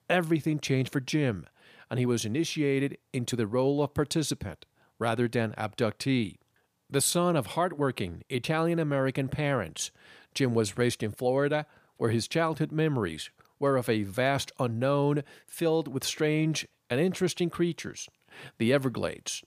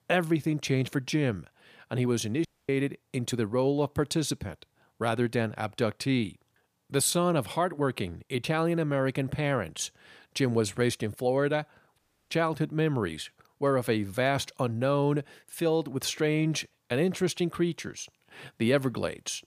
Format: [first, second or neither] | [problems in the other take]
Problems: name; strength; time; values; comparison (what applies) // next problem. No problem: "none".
first | audio cutting out; at 2.5 s and at 12 s